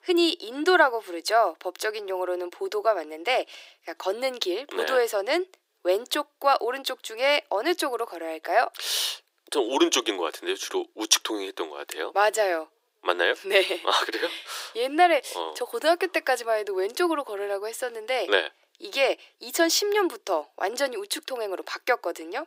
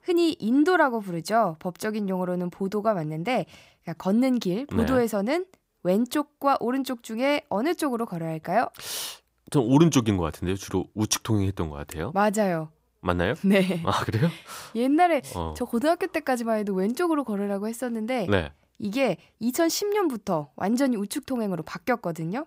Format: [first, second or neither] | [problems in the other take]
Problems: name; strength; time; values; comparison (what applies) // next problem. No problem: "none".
second | thin; very; fading below 350 Hz